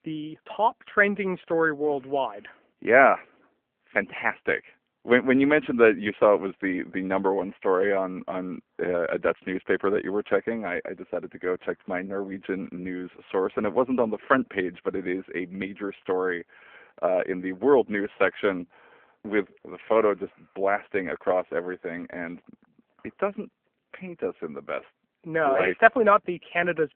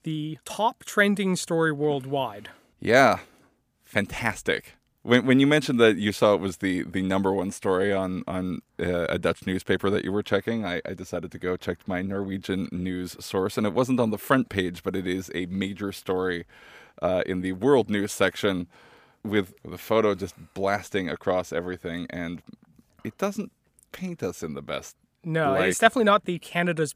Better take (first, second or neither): second